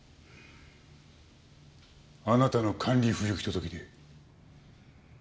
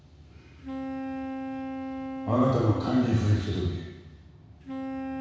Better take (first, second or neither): first